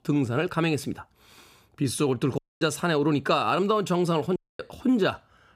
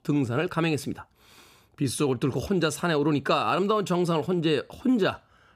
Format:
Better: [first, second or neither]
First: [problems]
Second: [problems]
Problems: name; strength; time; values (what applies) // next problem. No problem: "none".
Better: second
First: audio cutting out; at 2.5 s and at 4.5 s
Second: none